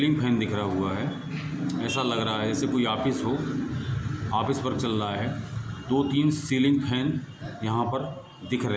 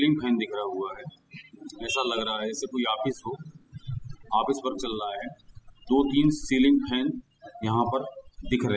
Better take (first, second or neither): first